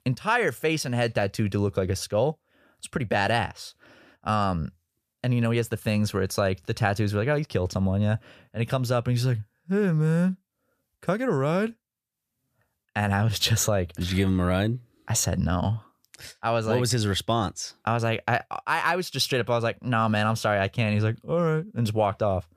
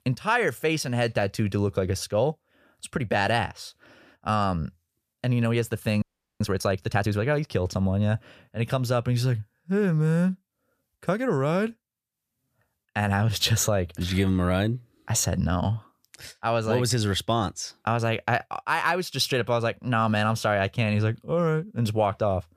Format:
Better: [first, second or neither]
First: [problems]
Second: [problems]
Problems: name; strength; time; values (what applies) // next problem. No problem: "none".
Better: first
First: none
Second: audio freezing; at 6 s